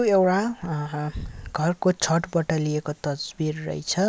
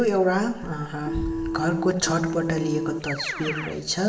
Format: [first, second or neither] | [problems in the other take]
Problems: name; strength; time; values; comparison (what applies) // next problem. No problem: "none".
first | background sound (Keyboard (musical)); 6 dB below the speech // room echo; dies away in 1.2 s